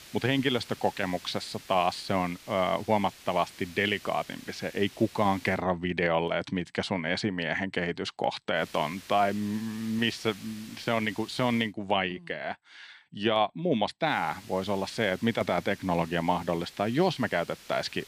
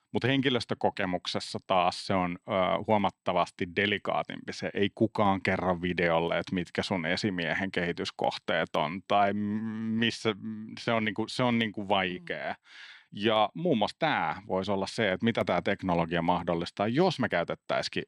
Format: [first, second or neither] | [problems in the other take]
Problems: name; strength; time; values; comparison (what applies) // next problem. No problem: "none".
second | hiss; noticeable; until 5.5 s, from 8.5 to 12 s and from 14 s on; 20 dB below the speech